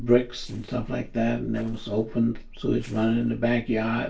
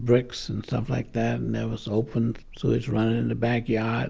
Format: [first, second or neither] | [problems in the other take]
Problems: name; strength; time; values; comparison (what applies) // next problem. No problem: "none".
second | noise reduction (neural separator model SepFormer DNS4)